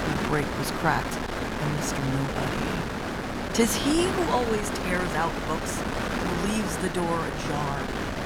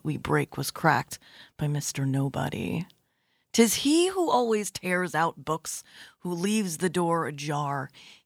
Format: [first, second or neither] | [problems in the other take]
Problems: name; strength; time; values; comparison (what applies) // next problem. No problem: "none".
second | wind noise on the microphone; heavy; 1 dB below the speech